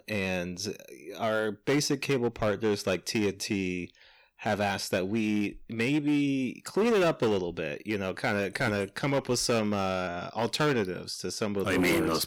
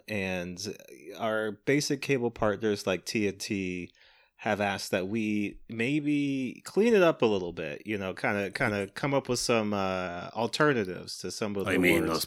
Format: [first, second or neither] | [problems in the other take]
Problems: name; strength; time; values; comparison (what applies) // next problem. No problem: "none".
second | distortion; slight; 7% of the sound clipped